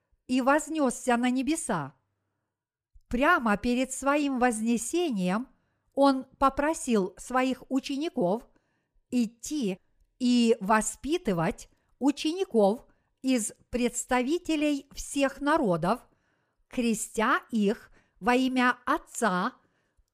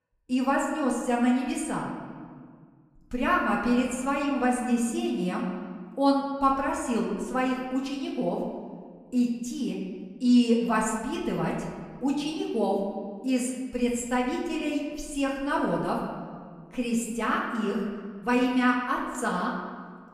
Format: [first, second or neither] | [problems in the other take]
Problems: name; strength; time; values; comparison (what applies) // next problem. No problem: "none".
first | room echo; noticeable; dies away in 1.5 s // off-mic speech; far